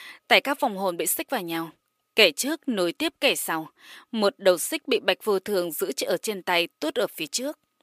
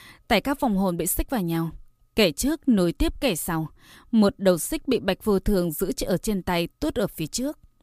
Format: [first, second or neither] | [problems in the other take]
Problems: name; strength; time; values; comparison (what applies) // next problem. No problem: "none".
second | thin; somewhat; fading below 450 Hz